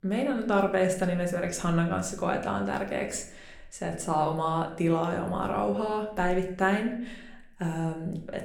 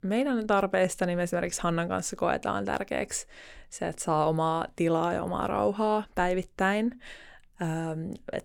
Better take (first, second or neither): second